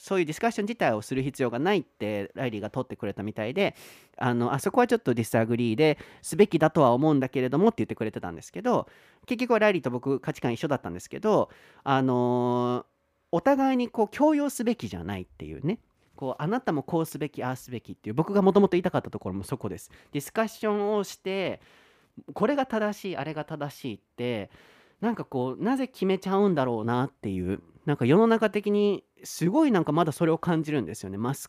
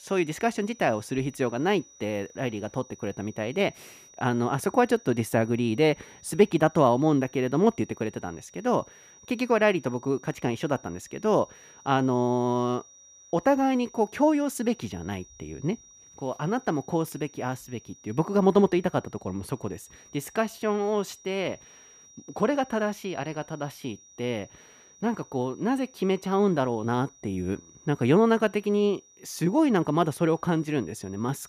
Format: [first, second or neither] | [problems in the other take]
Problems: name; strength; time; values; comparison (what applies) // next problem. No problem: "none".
first | high-pitched whine; faint; throughout; 5.5 kHz, 25 dB below the speech